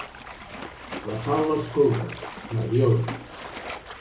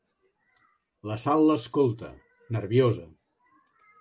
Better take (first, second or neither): second